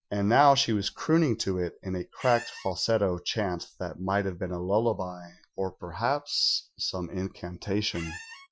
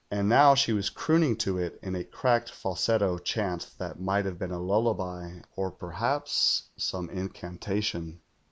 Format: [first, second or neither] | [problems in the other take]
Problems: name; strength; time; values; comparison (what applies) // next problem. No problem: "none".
second | noise reduction (classical method Wiener filter)